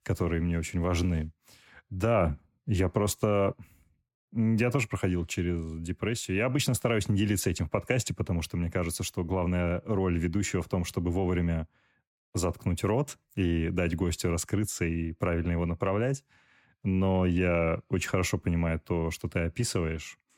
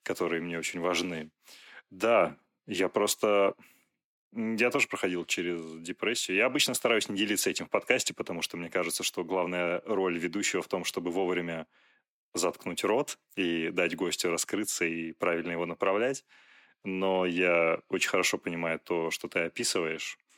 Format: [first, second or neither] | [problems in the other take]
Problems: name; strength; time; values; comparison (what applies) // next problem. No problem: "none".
first | thin; somewhat; fading below 300 Hz